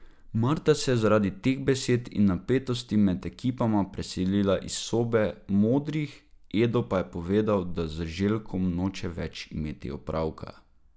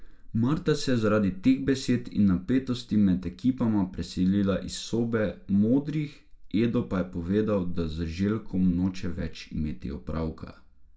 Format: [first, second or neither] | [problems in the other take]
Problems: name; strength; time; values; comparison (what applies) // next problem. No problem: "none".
first | room echo; dies away in 0.2 s